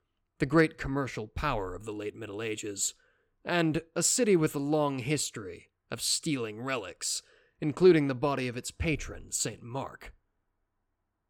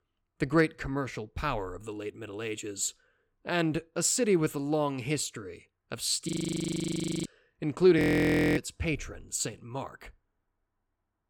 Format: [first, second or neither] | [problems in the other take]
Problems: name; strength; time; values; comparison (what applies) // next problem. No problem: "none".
first | audio freezing; at 6.5 s for 1 s and at 8 s for 0.5 s